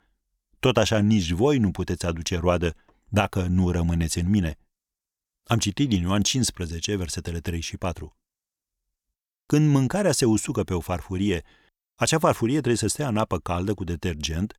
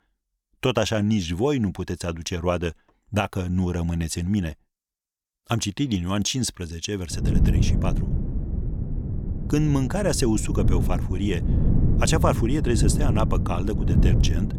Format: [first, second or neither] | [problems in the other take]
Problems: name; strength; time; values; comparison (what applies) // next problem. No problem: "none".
first | wind noise on the microphone; heavy; from 7 s on; 7 dB below the speech